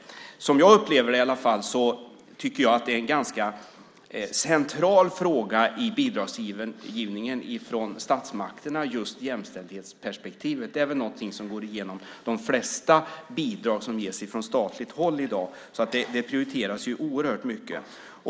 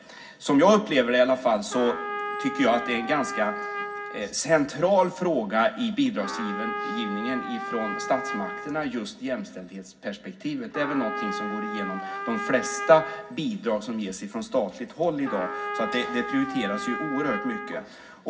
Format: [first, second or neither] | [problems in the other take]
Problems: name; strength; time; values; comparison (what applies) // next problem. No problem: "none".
first | background sound (Trumpet); 8 dB below the speech // room echo; dies away in 0.4 s